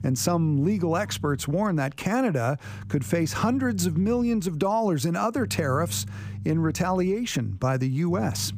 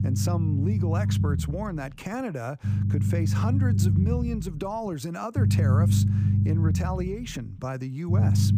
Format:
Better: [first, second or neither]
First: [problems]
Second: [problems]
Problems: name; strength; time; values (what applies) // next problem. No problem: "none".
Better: first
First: low rumble; faint; throughout; 25 dB below the speech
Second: low rumble; loud; throughout; 2 dB below the speech